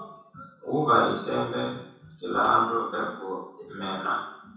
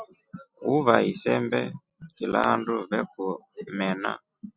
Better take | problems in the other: second | room echo; dies away in 0.7 s

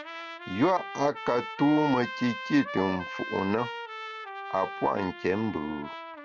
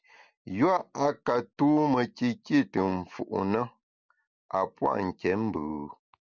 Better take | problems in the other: second | background sound (Trumpet); 10 dB below the speech

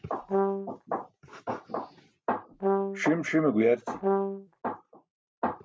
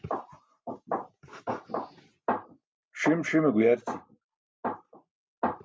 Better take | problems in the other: second | background sound (Brass instrument); 2 dB above the speech

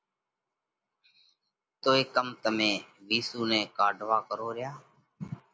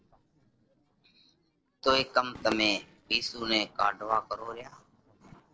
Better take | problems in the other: first | noise reduction (neural separator model SepFormer DNS4)

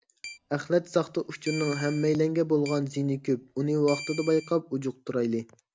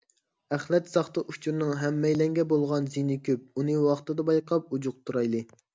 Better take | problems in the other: second | background sound (Keyboard (musical)); 15 dB below the speech

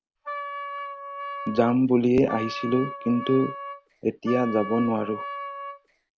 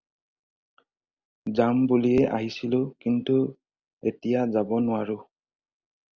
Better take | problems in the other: second | background sound (Wind instrument, woodwind instrument); 10 dB below the speech

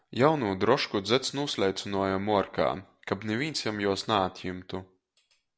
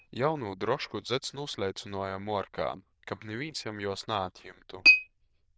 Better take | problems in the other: first | noise reduction (neural diffusion model UNIVERSE++)

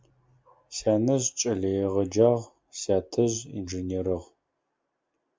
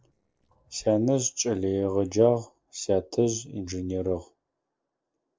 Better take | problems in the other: first | noise reduction (neural separator model SepFormer DNS4)

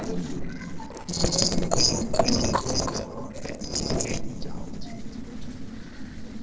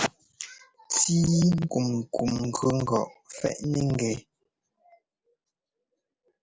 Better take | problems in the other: second | noise reduction (neural separator model SepFormer DNS4)

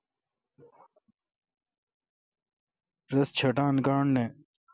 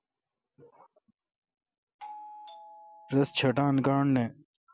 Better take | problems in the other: first | background sound (Doorbell); 18 dB below the speech

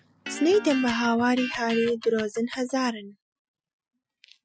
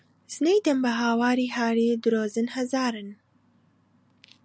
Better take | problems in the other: second | noise reduction (classical method Wiener filter)

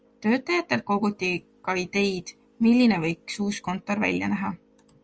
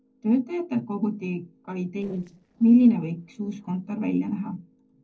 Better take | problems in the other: first | noise reduction (neural separator model SepFormer DNS4)

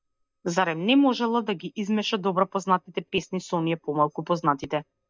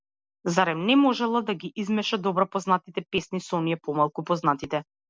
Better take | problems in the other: second | noise reduction (neural mask model DeepFilterNet 3)

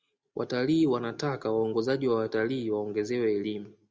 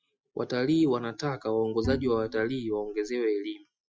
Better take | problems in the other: first | noise reduction (classical method Wiener filter)

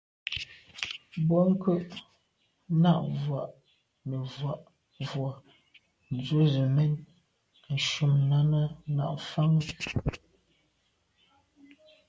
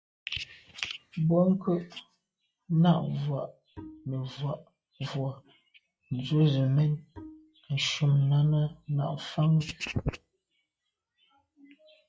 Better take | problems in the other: first | noise reduction (classical method log-MMSE)

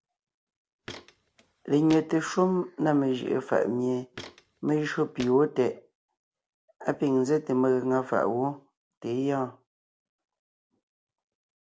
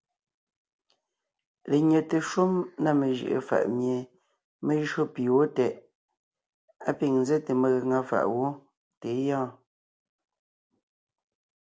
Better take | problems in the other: second | background sound (Walk, footsteps); 18 dB below the speech

